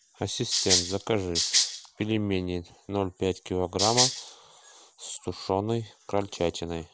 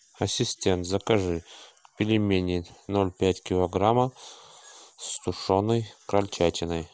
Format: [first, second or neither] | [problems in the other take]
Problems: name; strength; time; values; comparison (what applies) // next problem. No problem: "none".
second | background sound (Rattle (instrument)); 3 dB above the speech